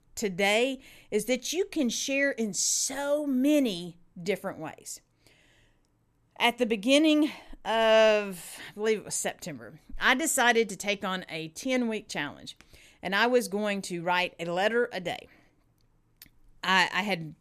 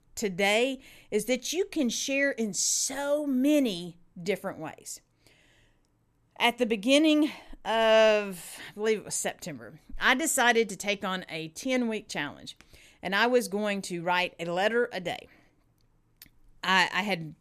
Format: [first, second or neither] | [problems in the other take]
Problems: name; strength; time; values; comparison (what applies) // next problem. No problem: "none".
neither | none